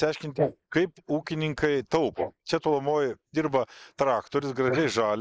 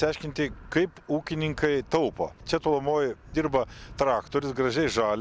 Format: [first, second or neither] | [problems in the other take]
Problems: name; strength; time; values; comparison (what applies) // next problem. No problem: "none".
second | noise reduction (neural mask model Resemble Enhance denoiser)